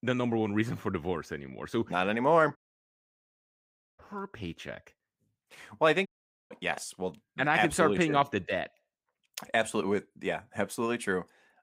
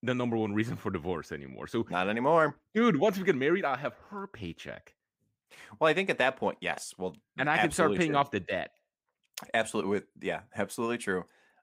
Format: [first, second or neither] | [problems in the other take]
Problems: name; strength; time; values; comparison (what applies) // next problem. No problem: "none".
second | audio cutting out; at 2.5 s for 1.5 s and at 6 s